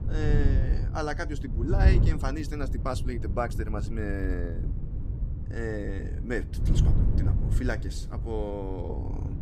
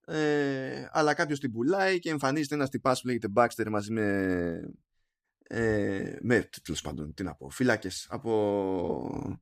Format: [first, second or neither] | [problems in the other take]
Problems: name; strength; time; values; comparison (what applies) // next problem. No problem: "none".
second | wind noise on the microphone; heavy; 8 dB below the speech